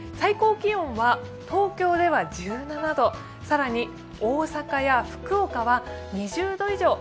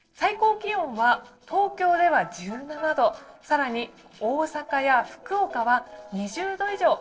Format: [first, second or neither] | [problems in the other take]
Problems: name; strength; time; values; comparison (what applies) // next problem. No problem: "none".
first | noise reduction (neural separator model SepFormer DNS4)